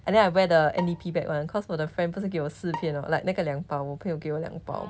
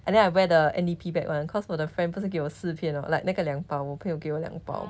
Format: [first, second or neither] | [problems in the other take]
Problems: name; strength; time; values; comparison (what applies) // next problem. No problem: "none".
second | background sound (Bowed string instrument); 18 dB below the speech